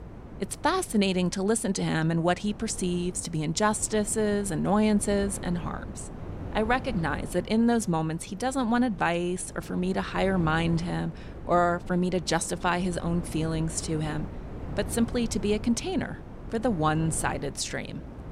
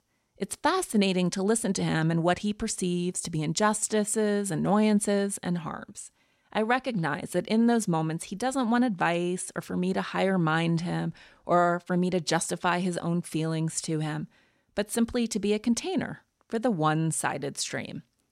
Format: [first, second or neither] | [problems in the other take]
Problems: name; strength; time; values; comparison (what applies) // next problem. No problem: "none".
second | wind noise on the microphone; occasional gusts; 15 dB below the speech